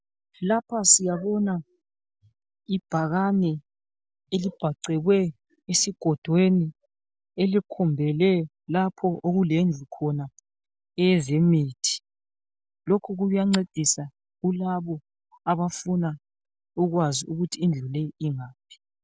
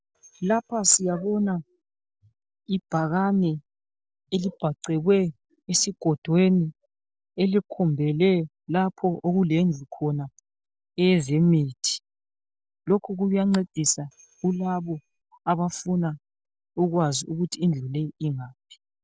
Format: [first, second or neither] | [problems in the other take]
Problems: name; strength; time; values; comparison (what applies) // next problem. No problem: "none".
first | noise reduction (neural separator model SepFormer DNS4)